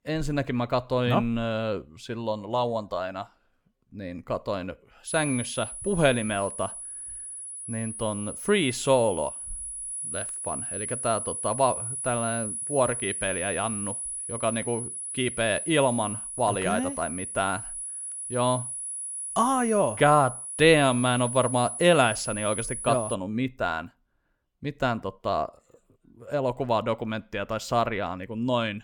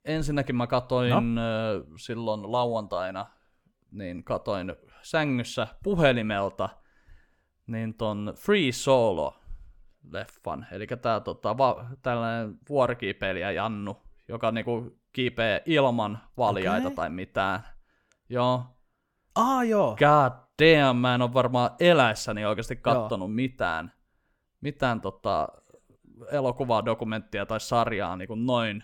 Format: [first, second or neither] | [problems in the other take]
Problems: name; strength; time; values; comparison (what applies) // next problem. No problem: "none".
second | high-pitched whine; loud; from 5 to 23 s; 10 kHz, 6 dB below the speech